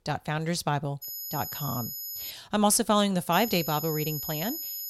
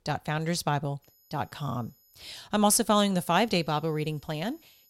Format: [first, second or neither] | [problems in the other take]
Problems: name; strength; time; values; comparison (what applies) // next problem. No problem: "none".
second | high-pitched whine; loud; from 1 to 2.5 s and from 3.5 s on; 12 kHz, 6 dB below the speech; faint in the second